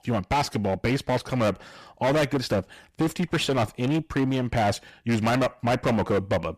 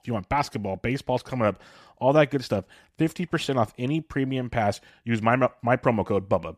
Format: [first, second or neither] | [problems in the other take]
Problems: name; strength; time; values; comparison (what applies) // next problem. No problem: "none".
second | distortion; heavy; 17% of the sound clipped